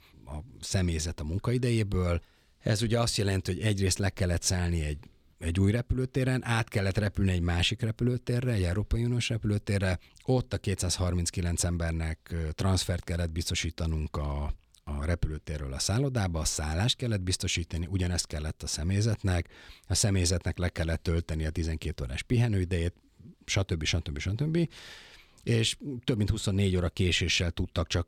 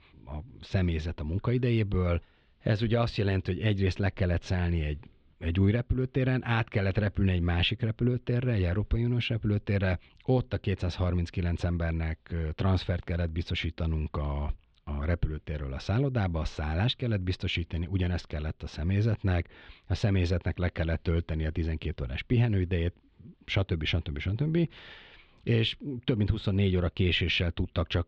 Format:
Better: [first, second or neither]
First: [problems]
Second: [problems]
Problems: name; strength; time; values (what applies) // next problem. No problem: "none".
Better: first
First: none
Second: muffled; slightly; fading above 3.5 kHz